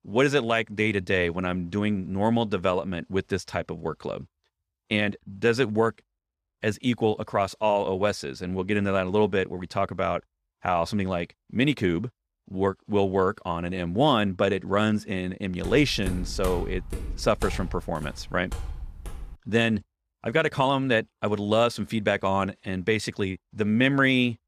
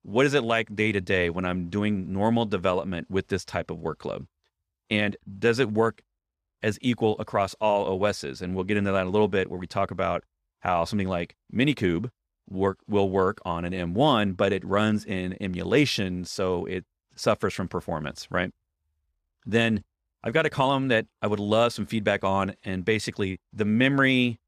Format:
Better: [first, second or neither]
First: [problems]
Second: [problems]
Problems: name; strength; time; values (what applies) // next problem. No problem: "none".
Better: second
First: footsteps; noticeable; from 16 to 19 s; peak 8 dB below the speech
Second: none